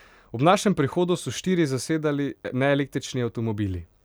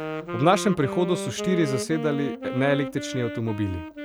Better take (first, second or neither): first